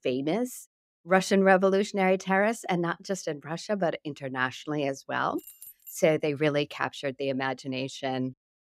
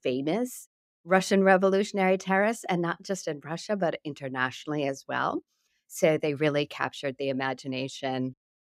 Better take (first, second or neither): second